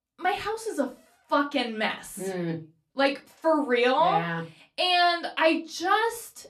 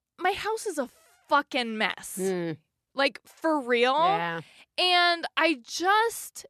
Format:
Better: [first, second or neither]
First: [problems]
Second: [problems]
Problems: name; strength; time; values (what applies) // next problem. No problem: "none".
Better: second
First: off-mic speech; far // room echo; very slight; dies away in 0.2 s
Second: none